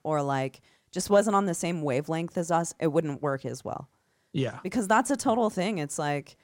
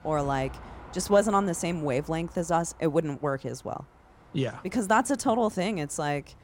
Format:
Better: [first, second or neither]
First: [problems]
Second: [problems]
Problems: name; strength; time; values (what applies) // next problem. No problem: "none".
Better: first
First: none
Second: train or aircraft noise; faint; throughout; 20 dB below the speech